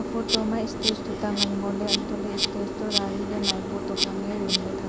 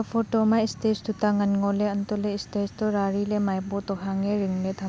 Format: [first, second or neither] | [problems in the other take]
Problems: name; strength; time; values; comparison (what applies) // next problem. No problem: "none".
second | background sound (Insect); 2 dB above the speech